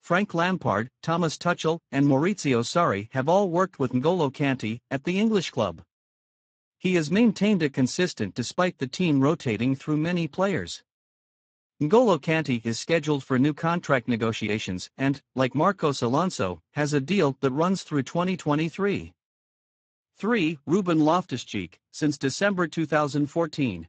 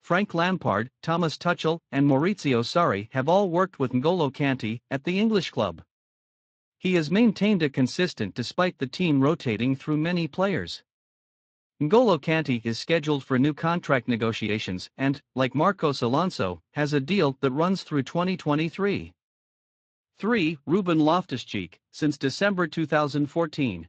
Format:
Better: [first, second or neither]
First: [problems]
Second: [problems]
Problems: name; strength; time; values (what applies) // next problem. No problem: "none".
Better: second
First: garbled, watery; badly; nothing above 8 kHz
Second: garbled, watery; slightly; nothing above 8 kHz